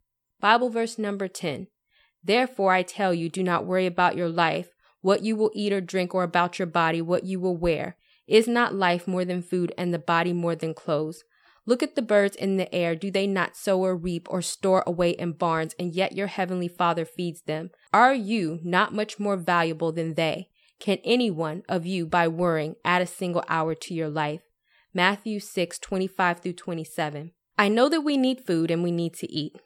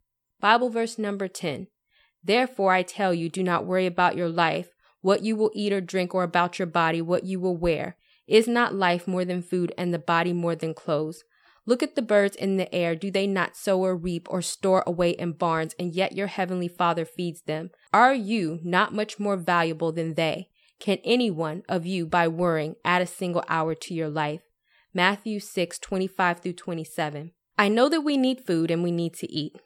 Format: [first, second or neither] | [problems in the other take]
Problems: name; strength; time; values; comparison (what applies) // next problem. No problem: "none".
neither | none